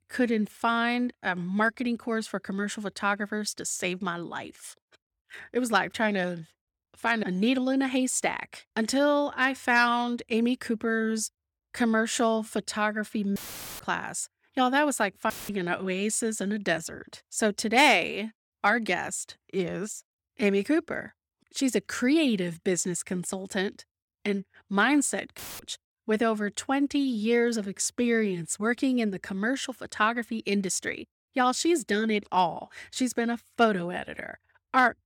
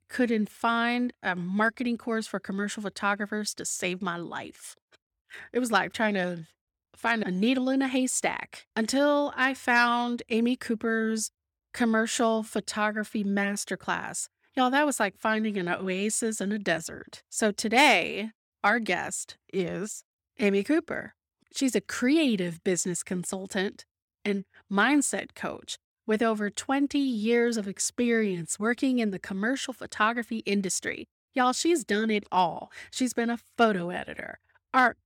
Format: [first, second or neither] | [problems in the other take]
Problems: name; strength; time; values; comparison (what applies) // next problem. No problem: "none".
second | audio cutting out; filled with static; at 13 s, at 15 s and at 25 s